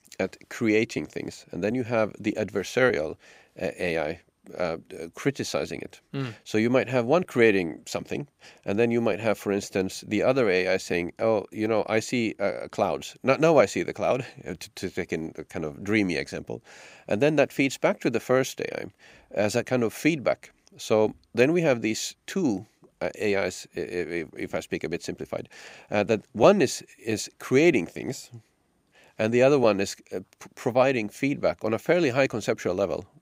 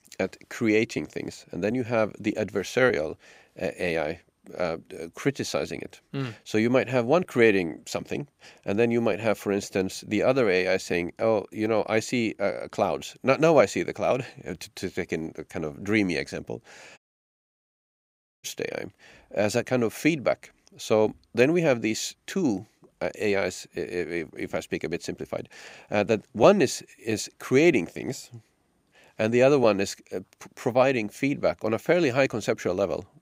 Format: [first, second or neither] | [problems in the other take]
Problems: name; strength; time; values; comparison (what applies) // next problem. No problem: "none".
first | audio cutting out; at 17 s for 1.5 s